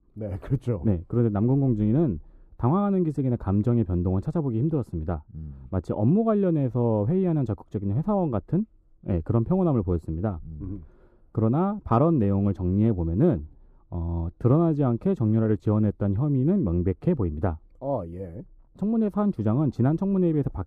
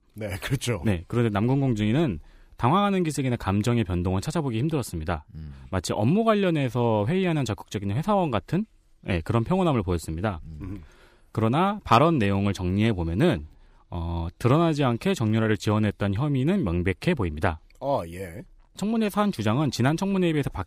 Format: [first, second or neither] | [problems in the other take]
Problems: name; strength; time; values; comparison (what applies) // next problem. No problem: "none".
second | muffled; very; fading above 1 kHz